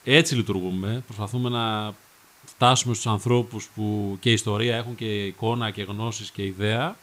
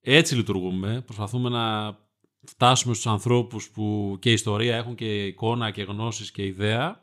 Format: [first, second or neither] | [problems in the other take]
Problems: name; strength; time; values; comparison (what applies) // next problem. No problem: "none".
second | hiss; faint; throughout; 30 dB below the speech